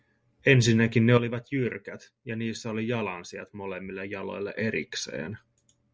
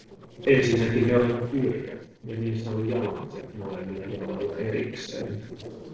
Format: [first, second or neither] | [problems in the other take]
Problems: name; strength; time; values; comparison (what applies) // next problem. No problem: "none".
first | noise reduction (neural separator model SepFormer DNS4)